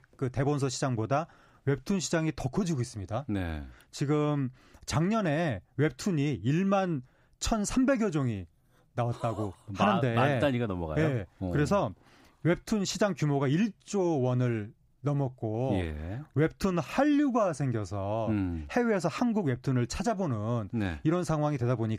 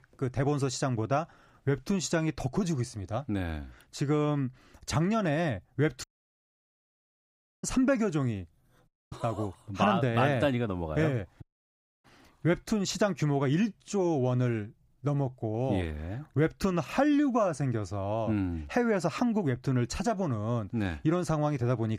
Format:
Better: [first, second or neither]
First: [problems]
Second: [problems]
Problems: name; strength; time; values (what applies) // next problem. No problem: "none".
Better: first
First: none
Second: audio cutting out; at 6 s for 1.5 s, at 9 s and at 11 s for 0.5 s